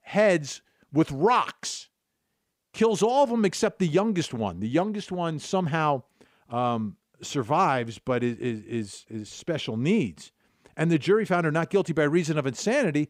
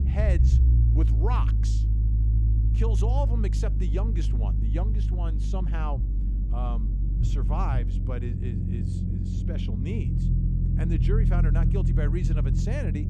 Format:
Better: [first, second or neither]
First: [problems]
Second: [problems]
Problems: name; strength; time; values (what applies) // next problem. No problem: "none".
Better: first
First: none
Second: low rumble; loud; throughout; 3 dB below the speech